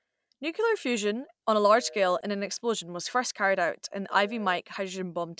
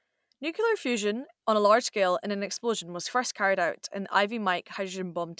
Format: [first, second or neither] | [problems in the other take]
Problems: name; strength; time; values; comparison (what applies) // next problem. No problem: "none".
second | noise reduction (neural separator model SepFormer DNS4)